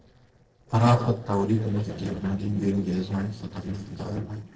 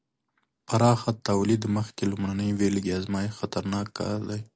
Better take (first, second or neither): second